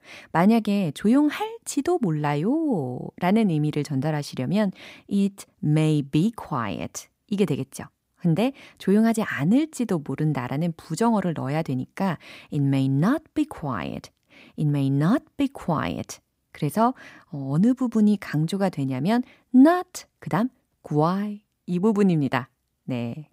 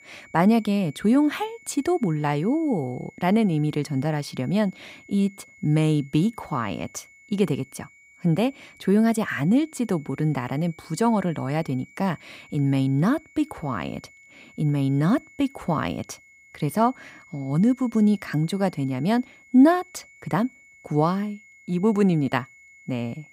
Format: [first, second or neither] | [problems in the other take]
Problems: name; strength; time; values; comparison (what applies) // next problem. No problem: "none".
first | high-pitched whine; faint; throughout; 2 kHz, 25 dB below the speech